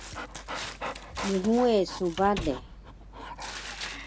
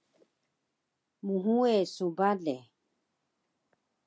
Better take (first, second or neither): second